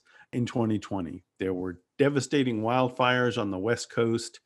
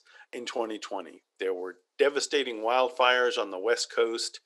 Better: first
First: none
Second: thin; very; fading below 450 Hz

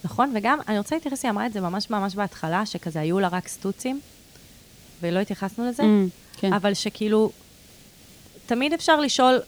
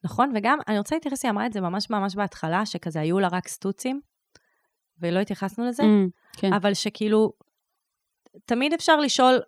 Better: second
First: hiss; faint; throughout; 25 dB below the speech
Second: none

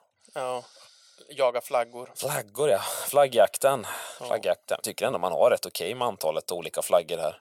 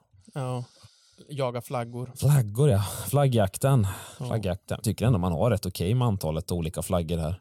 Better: second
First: thin; very; fading below 550 Hz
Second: none

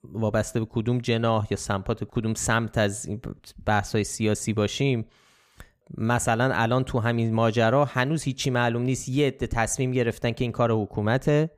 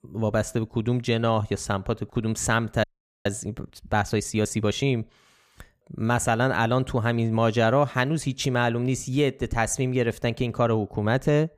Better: first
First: none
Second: audio freezing; at 3 s

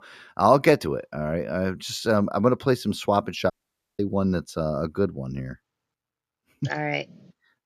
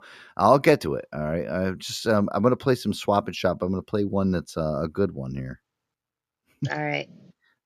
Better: second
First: audio cutting out; at 3.5 s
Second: none

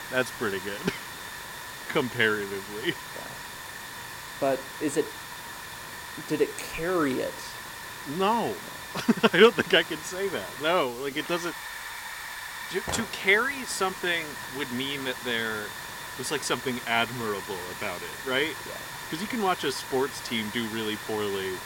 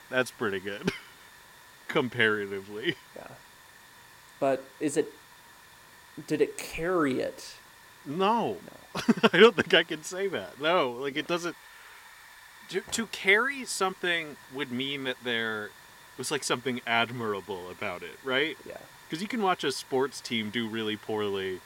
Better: second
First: hiss; loud; throughout; 9 dB below the speech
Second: hiss; faint; throughout; 20 dB below the speech

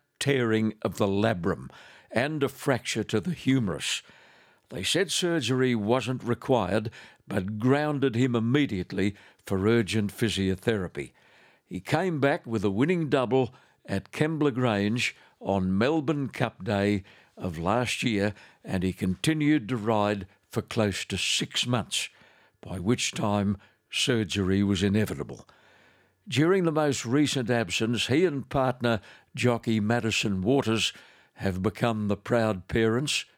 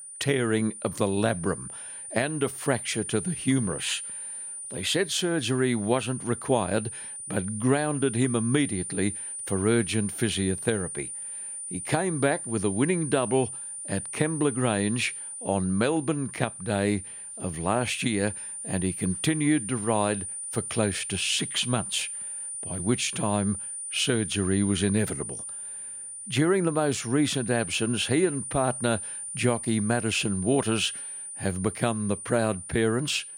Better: first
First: none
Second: high-pitched whine; loud; throughout; 9.5 kHz, 7 dB below the speech

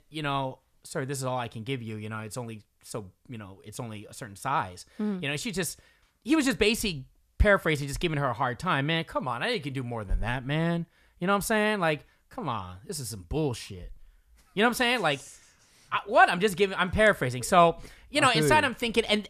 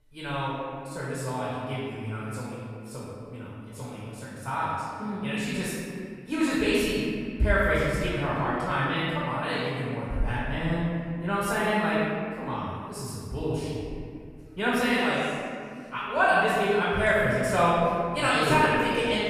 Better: first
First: none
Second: off-mic speech; far // room echo; strong; dies away in 2.1 s

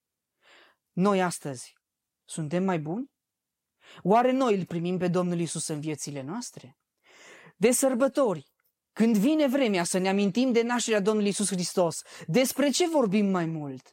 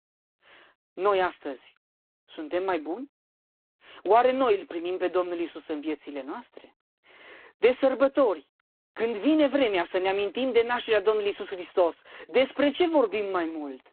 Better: first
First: none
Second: phone-call audio; poor line

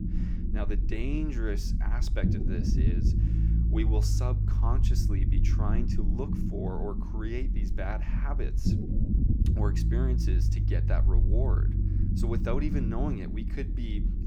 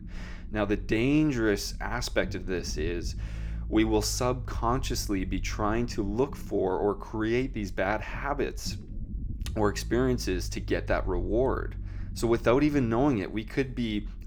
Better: second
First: low rumble; loud; throughout; 3 dB below the speech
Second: low rumble; faint; throughout; 25 dB below the speech

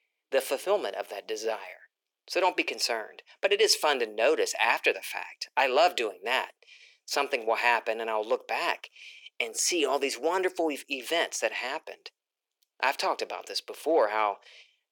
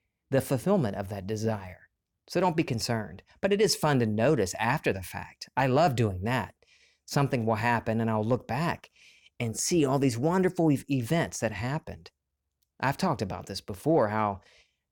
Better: second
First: thin; very; fading below 400 Hz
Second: none

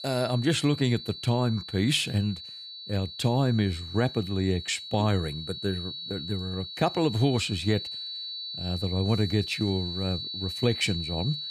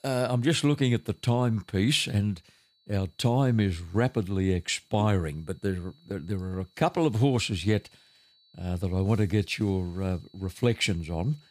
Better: second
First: high-pitched whine; loud; throughout; 4 kHz, 8 dB below the speech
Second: high-pitched whine; faint; throughout; 4 kHz, 35 dB below the speech

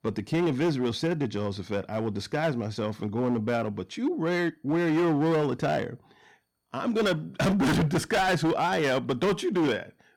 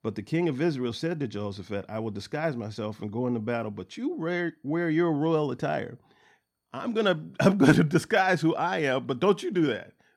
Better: second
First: distortion; heavy; 14% of the sound clipped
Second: none

